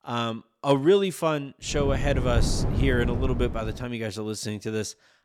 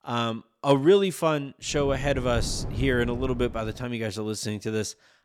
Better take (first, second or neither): second